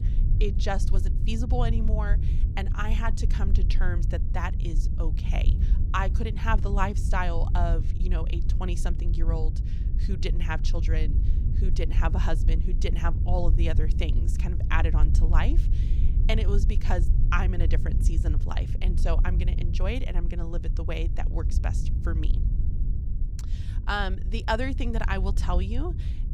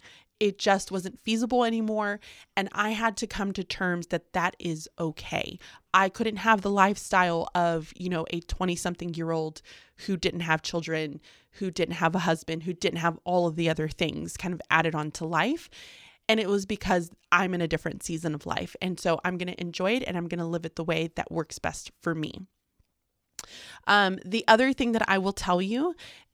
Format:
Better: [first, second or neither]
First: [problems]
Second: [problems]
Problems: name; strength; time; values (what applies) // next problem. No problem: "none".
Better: second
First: low rumble; noticeable; throughout; 10 dB below the speech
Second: none